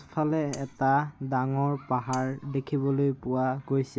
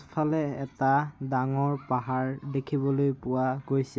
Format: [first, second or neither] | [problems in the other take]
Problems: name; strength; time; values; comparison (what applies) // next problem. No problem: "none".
second | background sound (Cutlery, silverware); 20 dB below the speech